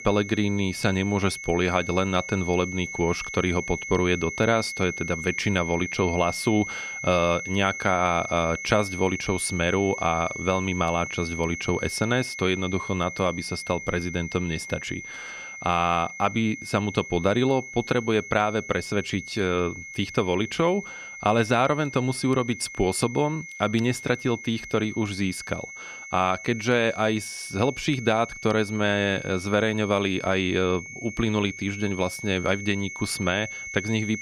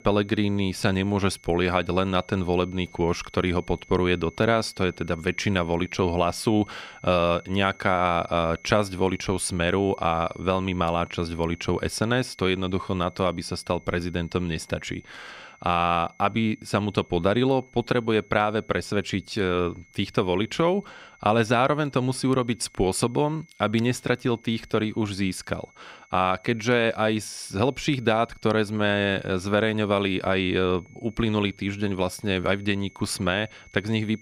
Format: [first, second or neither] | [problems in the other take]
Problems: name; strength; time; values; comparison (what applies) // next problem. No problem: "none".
second | high-pitched whine; loud; throughout; 2 kHz, 10 dB below the speech; faint in the second